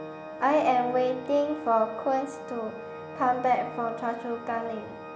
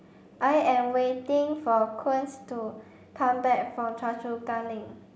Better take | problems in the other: second | background sound (Organ); 12 dB below the speech

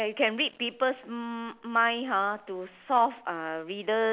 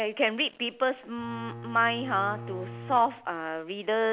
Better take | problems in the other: first | background sound (Bowed string instrument); 13 dB below the speech

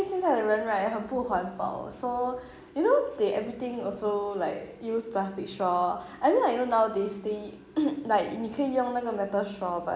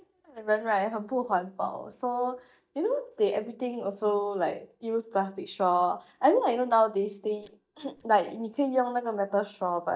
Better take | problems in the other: first | noise reduction (neural mask model DeepFilterNet 3)

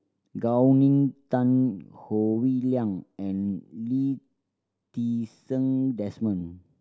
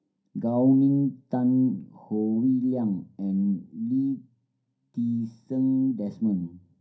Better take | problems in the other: first | room echo; dies away in 0.3 s

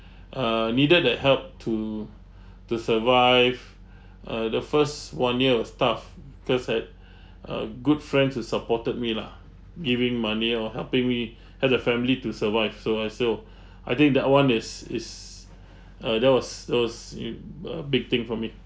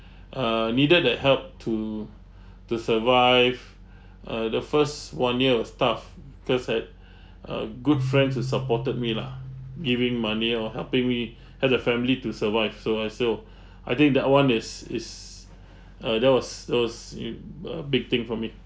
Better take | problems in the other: first | background sound (Keyboard (musical)); 15 dB below the speech

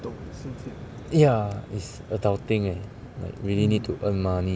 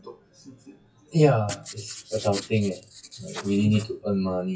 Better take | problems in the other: first | noise reduction (classical method WPE with log-MMSE)

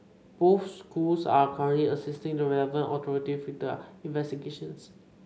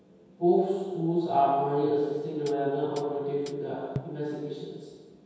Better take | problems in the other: first | background sound (Hi-hat); 15 dB below the speech // room echo; dies away in 1.2 s

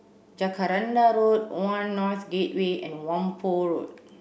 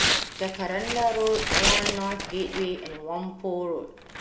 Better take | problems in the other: first | background sound (Tearing); as loud as the speech // room echo; dies away in 0.4 s

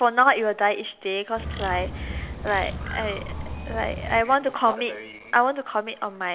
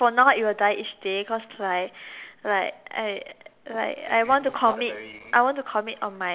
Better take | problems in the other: second | background sound (Bird); 7 dB below the speech

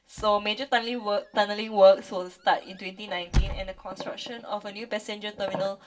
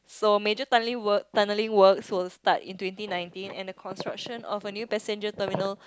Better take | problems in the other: second | background sound (Squeak / Slam / Wood); 8 dB below the speech // room echo; dies away in 0.2 s

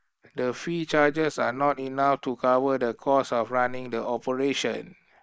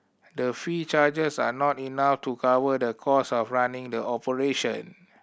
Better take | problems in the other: second | noise reduction (neural mask model Resemble Enhance denoiser)

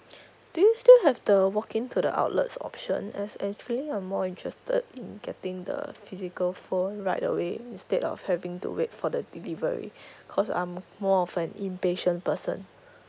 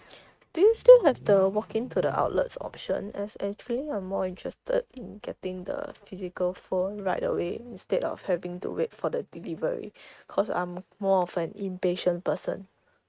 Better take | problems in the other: first | noise reduction (neural mask model RNNoise)

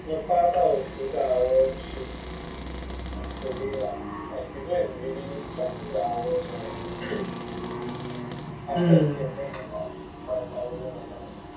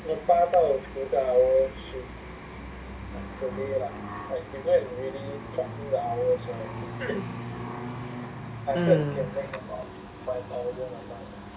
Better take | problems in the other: second | background sound (Cupboard open or close); 17 dB below the speech // room echo; dies away in 0.3 s

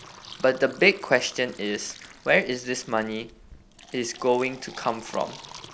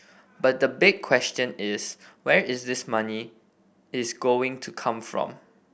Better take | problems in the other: second | background sound (Fill (with liquid)); 20 dB below the speech

